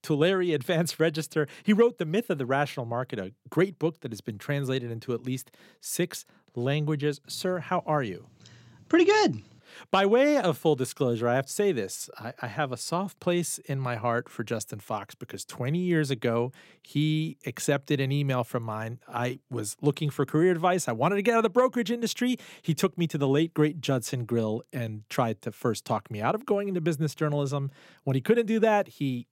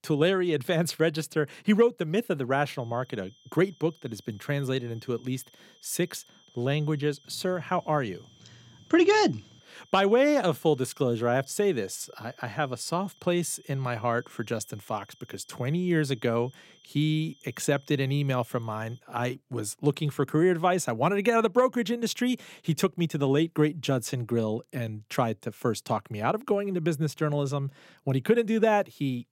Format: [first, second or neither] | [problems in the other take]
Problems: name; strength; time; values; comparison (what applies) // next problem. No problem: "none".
first | high-pitched whine; faint; from 3 to 19 s; 3 kHz, 30 dB below the speech